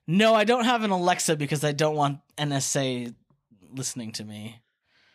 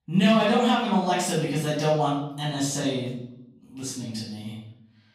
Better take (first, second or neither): first